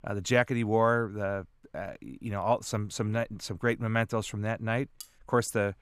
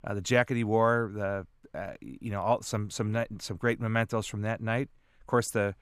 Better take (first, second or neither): second